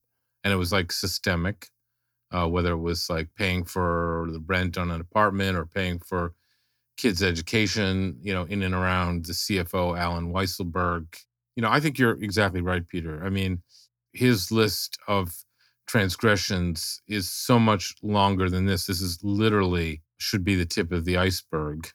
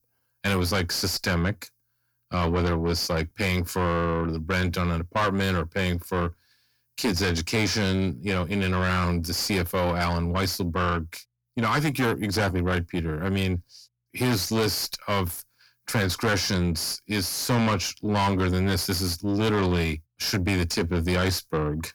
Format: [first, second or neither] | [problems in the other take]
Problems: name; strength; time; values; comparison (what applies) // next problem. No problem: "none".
first | distortion; heavy; 7 dB below the speech